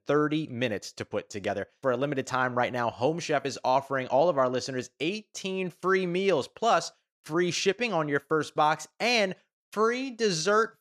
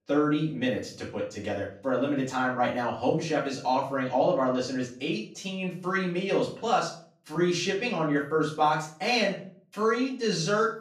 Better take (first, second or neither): first